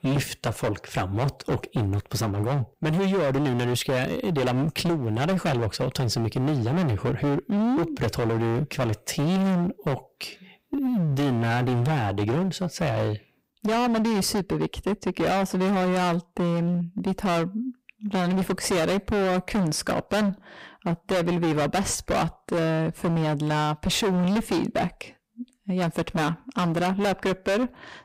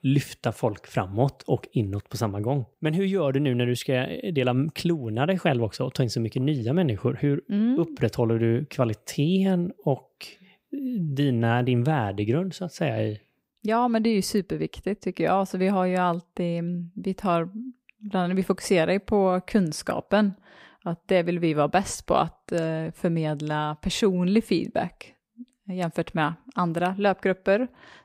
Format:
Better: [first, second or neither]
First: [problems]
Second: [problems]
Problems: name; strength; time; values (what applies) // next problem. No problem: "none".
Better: second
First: distortion; heavy; 26% of the sound clipped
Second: none